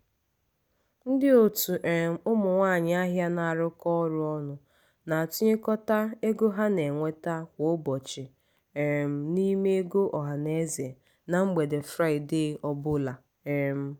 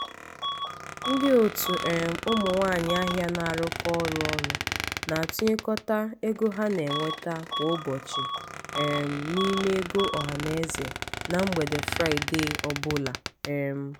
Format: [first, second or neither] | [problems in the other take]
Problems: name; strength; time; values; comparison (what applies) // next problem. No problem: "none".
first | background sound (Bus / Alarm + Squeak); 5 dB below the speech